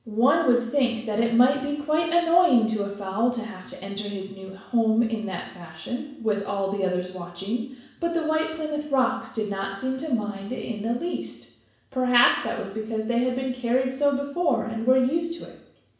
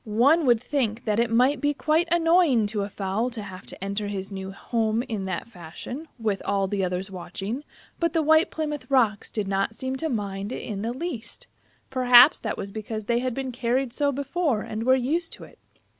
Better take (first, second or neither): second